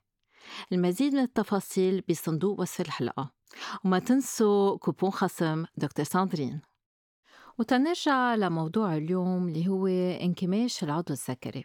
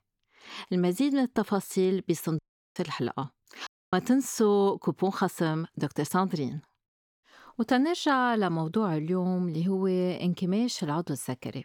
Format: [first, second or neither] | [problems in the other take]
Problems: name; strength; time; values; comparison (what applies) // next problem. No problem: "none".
first | audio cutting out; at 2.5 s and at 3.5 s